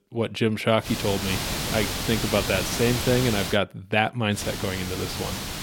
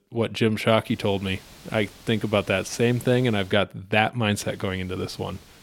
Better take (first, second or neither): second